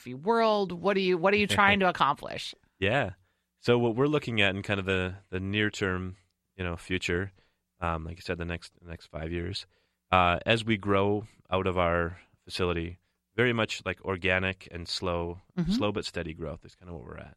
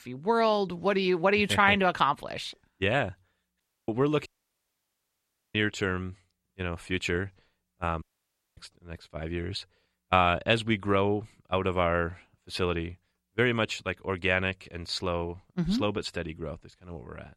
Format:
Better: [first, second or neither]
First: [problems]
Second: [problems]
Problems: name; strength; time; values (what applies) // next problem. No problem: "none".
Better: first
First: none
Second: audio cutting out; at 3.5 s, at 4.5 s for 1.5 s and at 8 s for 0.5 s